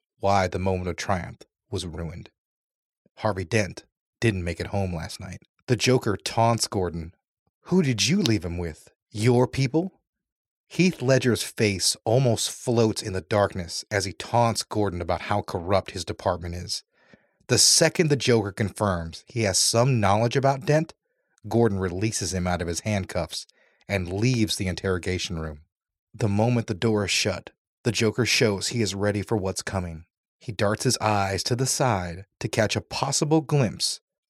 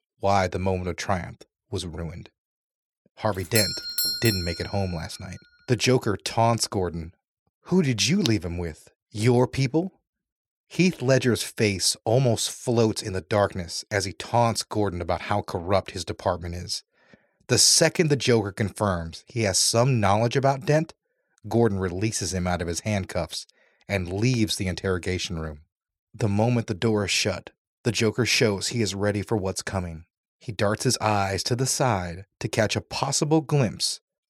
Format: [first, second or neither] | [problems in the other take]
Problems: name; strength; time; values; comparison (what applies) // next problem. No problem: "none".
first | doorbell; loud; from 3.5 to 4.5 s; peak 1 dB above the speech